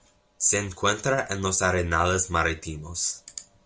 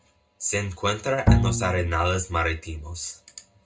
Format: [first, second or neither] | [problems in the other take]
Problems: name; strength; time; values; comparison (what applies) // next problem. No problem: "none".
first | background sound (Bowed string instrument); 4 dB above the speech // room echo; dies away in 0.2 s